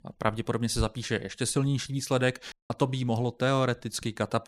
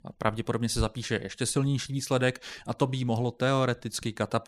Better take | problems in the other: second | audio cutting out; at 2.5 s

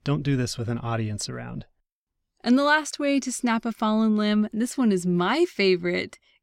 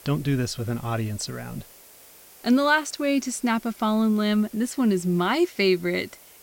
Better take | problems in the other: first | hiss; faint; throughout; 25 dB below the speech

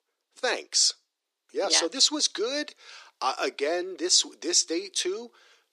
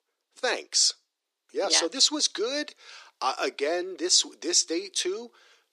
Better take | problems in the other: neither | thin; somewhat; fading below 300 Hz; the same in both

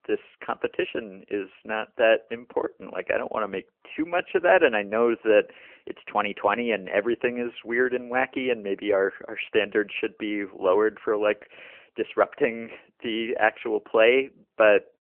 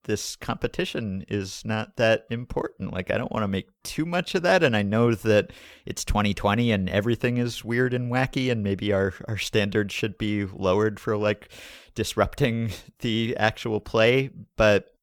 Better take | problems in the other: second | phone-call audio; nothing above 3 kHz

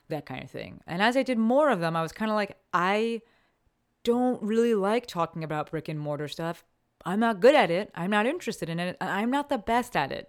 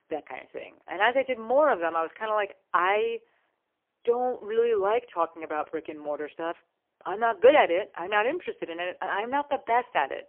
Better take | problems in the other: first | phone-call audio; poor line; nothing above 3 kHz

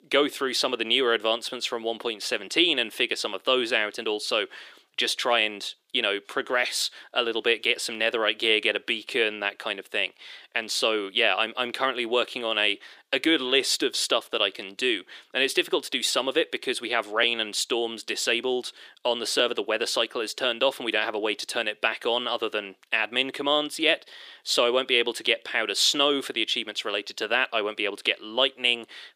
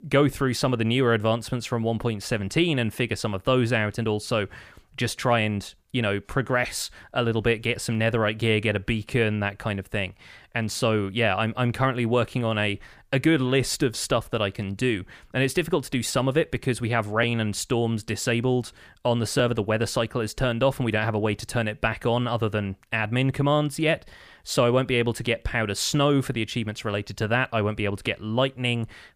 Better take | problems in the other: second | thin; somewhat; fading below 350 Hz

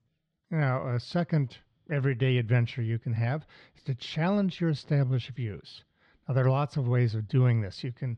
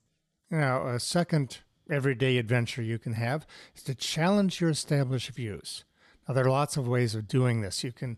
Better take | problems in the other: second | muffled; very slightly; fading above 4 kHz

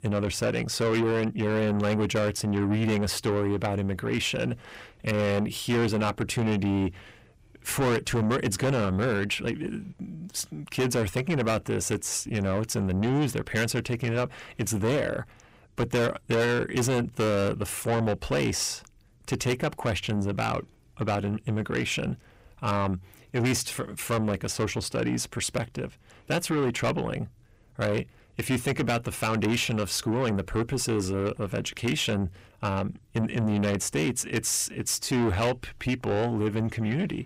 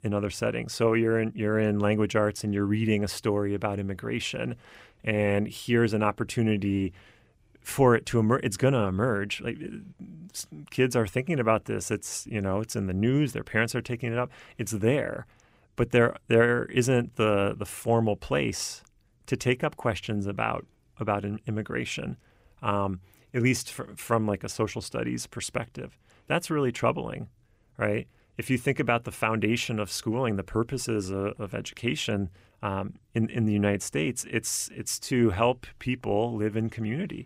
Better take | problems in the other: second | distortion; heavy; 7 dB below the speech

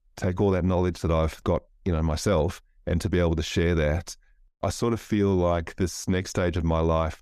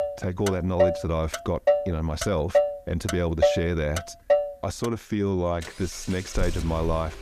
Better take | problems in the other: first | traffic noise; very loud; throughout; 1 dB above the speech

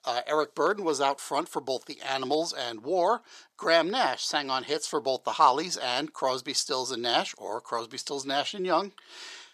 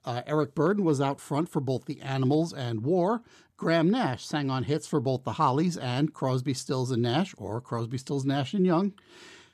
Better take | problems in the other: second | thin; very; fading below 650 Hz

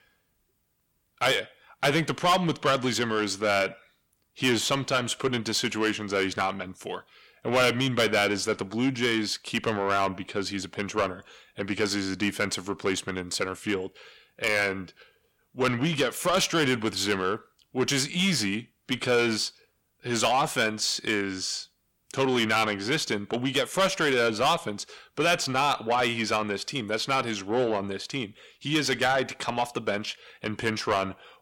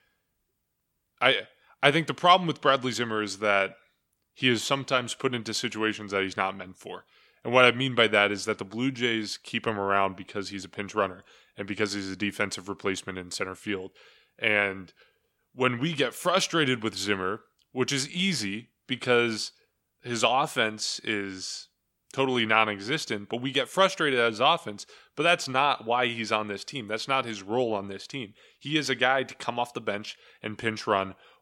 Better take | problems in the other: second | distortion; heavy; 7 dB below the speech

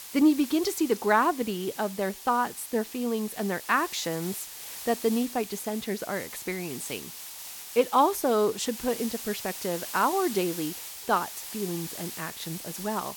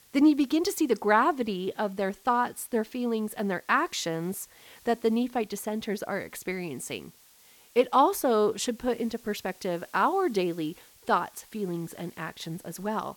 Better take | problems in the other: second | hiss; loud; throughout; 10 dB below the speech; faint in the second

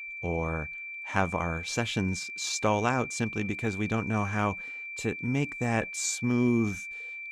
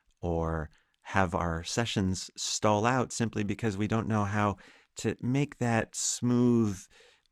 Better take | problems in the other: second | high-pitched whine; loud; throughout; 2.5 kHz, 7 dB below the speech

